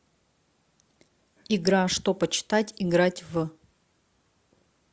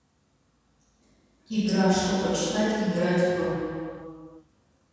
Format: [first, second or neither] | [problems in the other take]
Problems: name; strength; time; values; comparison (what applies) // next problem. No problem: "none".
first | room echo; dies away in 2.1 s